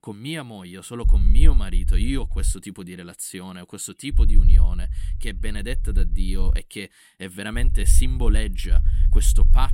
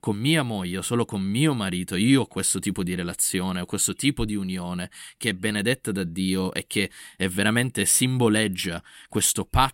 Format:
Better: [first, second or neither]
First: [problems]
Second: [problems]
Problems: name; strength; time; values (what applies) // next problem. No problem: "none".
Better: second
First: low rumble; noticeable; from 1 to 2.5 s, from 4 to 6.5 s and from 7.5 s on; 10 dB below the speech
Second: none